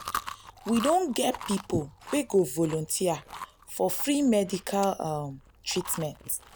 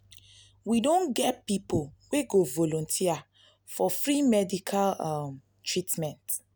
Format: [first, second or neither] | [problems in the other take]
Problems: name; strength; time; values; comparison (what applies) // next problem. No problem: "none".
second | background sound (Chewing, mastication); 14 dB below the speech